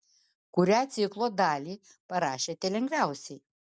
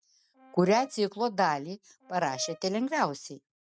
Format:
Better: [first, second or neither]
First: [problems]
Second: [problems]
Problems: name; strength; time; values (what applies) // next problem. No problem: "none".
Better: first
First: none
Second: noise reduction (neural mask model RNNoise)